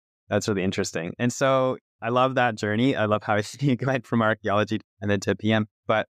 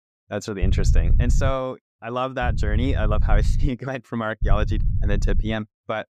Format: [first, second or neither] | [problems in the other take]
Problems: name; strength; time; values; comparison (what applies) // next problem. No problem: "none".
first | low rumble; noticeable; at 0.5 s, from 2.5 to 3.5 s and from 4.5 to 5.5 s; 15 dB below the speech